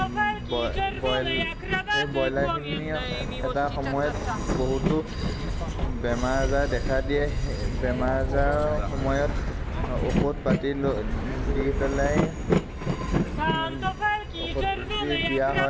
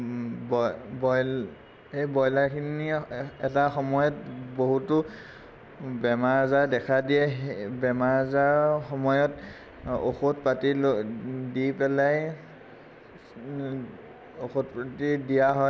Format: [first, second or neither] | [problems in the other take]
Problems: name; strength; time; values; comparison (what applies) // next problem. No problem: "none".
second | background sound (Train); 2 dB above the speech